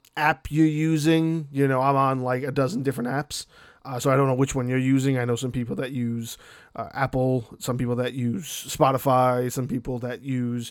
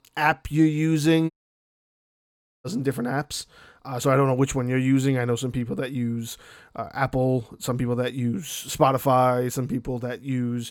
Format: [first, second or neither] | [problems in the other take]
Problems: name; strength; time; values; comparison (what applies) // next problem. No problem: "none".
first | audio cutting out; at 1.5 s for 1.5 s